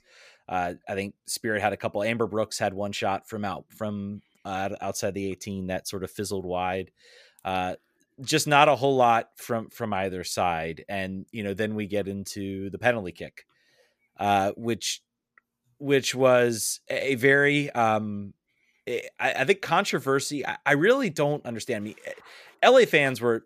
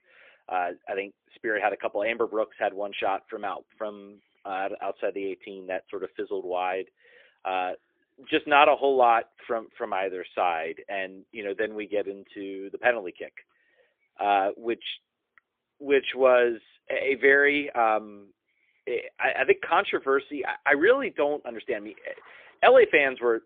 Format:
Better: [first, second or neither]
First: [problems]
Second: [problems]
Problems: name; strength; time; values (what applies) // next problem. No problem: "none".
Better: first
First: none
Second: phone-call audio; poor line; nothing above 3.5 kHz